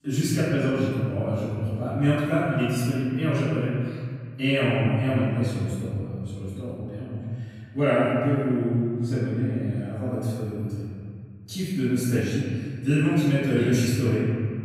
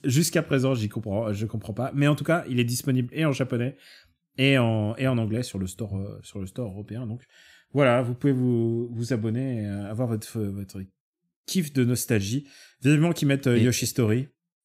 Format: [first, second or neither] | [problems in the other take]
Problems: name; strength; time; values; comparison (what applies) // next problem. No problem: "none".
second | off-mic speech; far // room echo; strong; dies away in 2.2 s